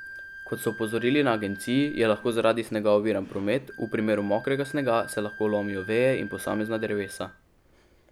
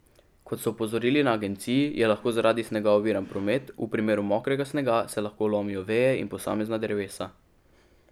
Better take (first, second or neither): second